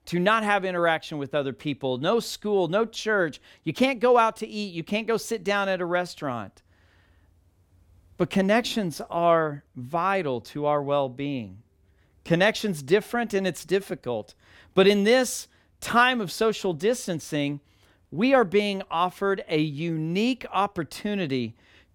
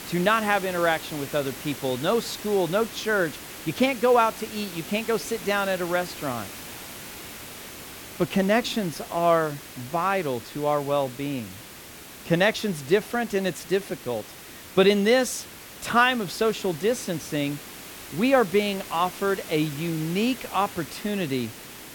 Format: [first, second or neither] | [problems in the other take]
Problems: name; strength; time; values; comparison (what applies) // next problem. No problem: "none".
first | hiss; noticeable; throughout; 15 dB below the speech